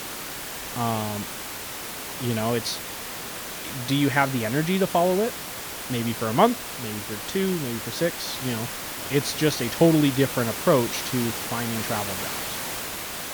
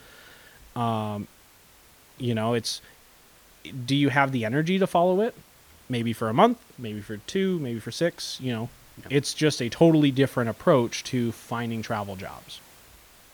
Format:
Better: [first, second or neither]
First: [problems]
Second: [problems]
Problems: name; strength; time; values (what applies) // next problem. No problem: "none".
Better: second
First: hiss; loud; throughout; 6 dB below the speech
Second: hiss; faint; throughout; 25 dB below the speech